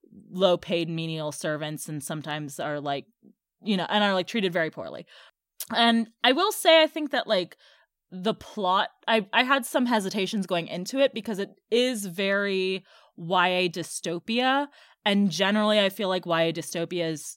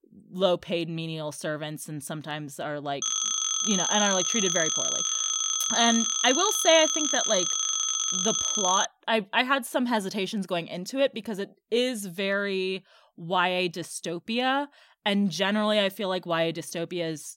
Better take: first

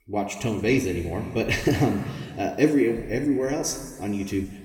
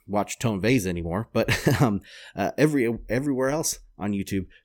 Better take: second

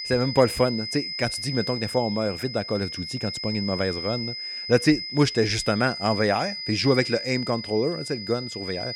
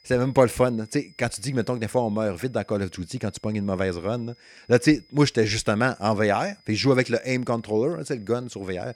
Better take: second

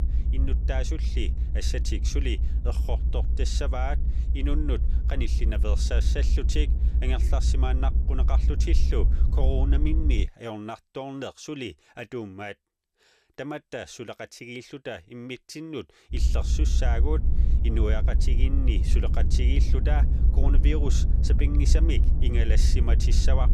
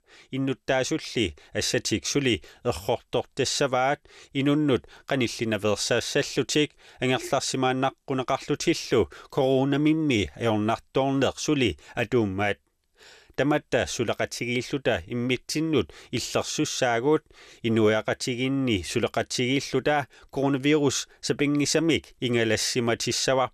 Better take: second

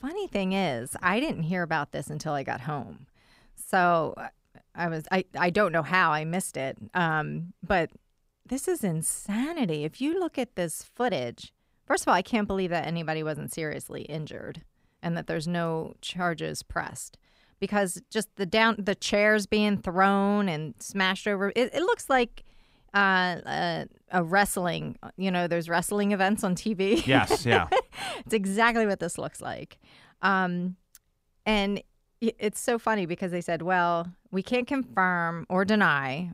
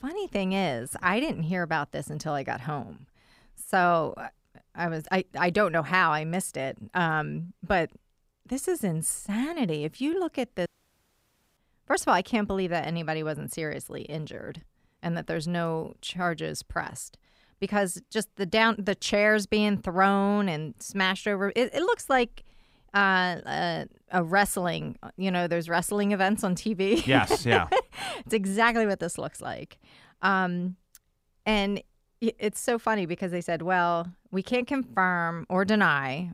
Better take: first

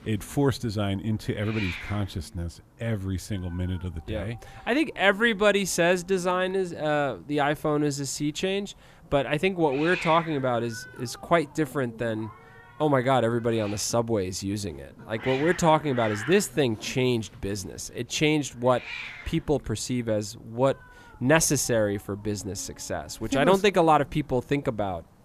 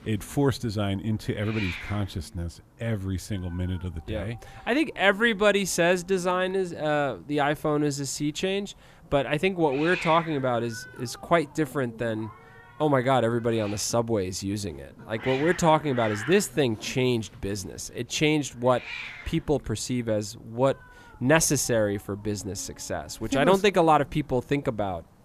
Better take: neither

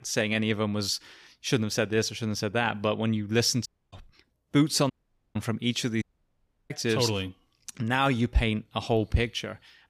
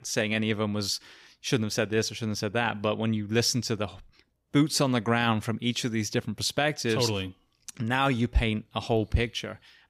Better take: second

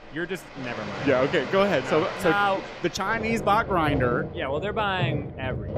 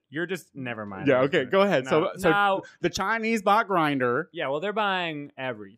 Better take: second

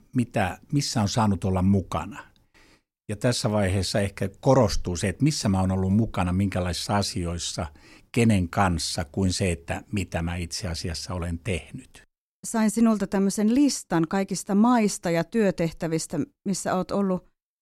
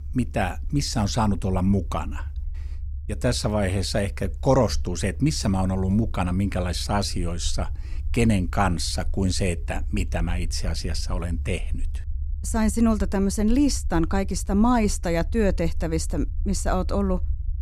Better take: first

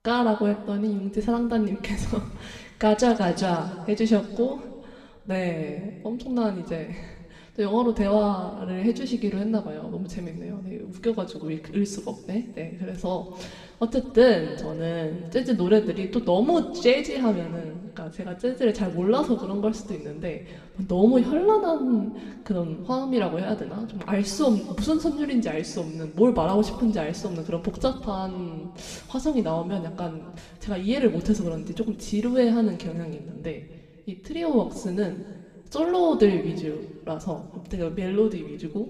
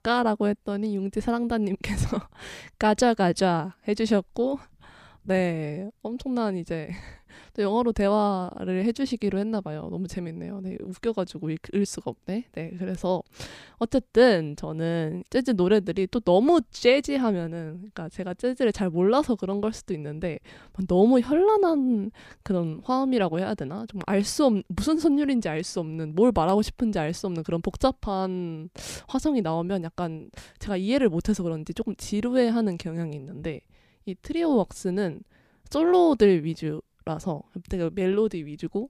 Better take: second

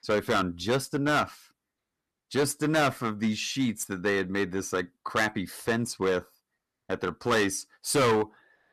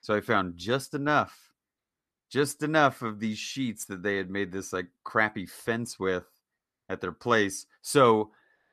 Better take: second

